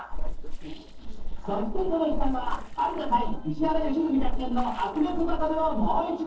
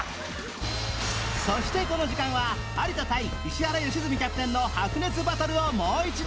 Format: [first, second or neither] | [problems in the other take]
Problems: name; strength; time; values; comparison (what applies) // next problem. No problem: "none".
second | noise reduction (neural separator model SepFormer DNS4)